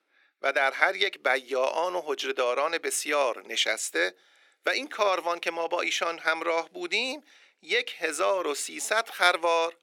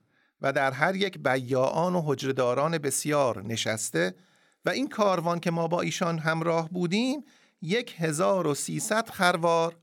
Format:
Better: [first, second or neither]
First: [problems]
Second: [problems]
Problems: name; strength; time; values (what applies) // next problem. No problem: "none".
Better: second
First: thin; very; fading below 350 Hz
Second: none